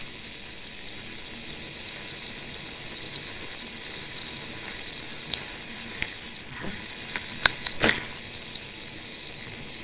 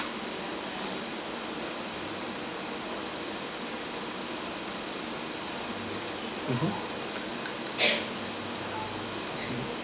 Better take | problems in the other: second | noise reduction (neural separator model SepFormer WHAMR!)

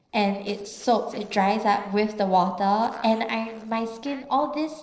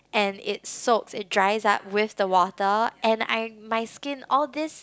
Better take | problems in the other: second | noise reduction (neural separator model SepFormer DNS4)

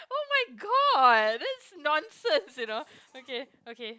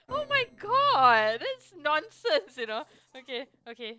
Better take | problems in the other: first | noise reduction (neural separator model SepFormer DNS4)

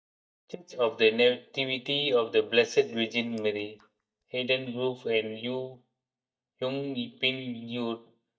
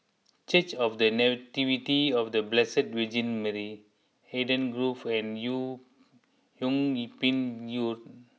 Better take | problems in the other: second | noise reduction (neural mask model DeepFilterNet 3)

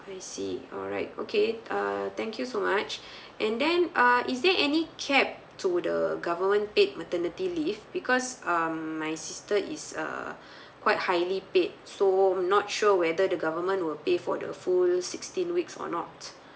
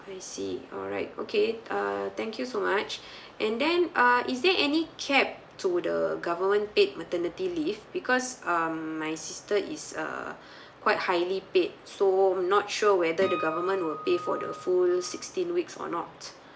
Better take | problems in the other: first | background sound (Acoustic guitar); 10 dB below the speech

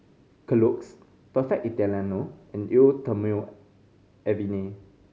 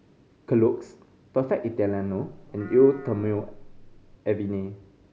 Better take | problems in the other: first | background sound (Livestock, farm animals, working animals); 19 dB below the speech

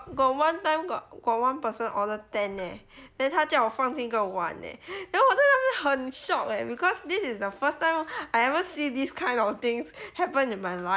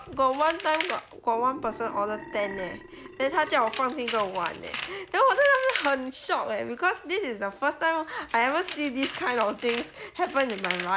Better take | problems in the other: first | background sound (Tools + Burping, eructation); 12 dB below the speech

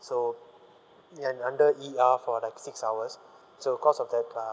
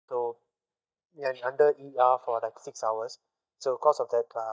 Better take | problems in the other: first | noise reduction (neural mask model DeepFilterNet 3)

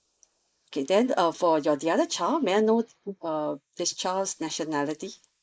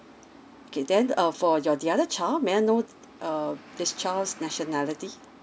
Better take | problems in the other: second | noise reduction (neural mask model Resemble Enhance denoiser)

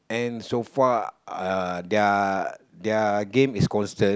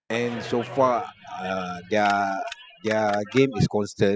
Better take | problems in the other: first | noise reduction (classical method spectral subtraction)

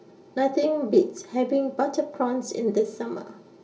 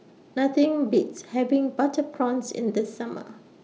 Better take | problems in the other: second | room echo; dies away in 0.2 s

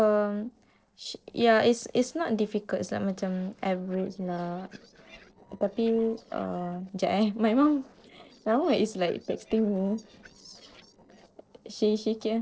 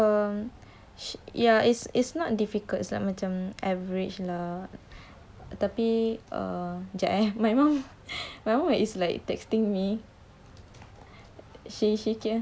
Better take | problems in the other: second | noise reduction (neural separator model SepFormer DNS4)

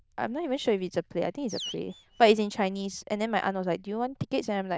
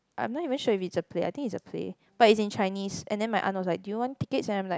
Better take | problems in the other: second | noise reduction (neural diffusion model UNIVERSE++)

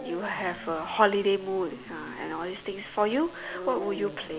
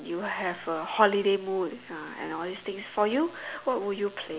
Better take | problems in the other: second | background sound (Dog); 14 dB below the speech

